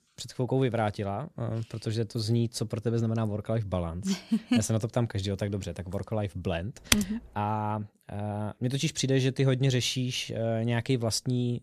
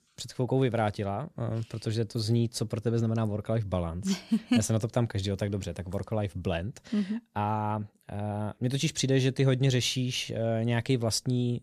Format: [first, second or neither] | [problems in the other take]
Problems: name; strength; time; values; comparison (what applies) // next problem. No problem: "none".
second | keyboard typing; very faint; at 7 s; peak 3 dB above the speech